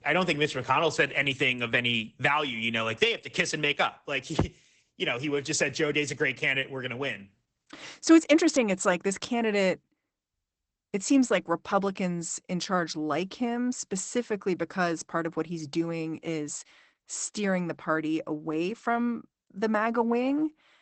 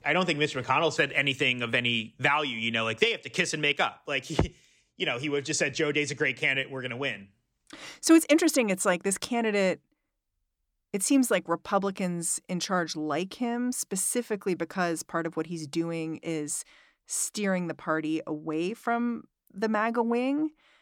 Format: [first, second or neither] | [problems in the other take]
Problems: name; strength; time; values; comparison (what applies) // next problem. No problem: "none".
second | garbled, watery; badly; nothing above 8 kHz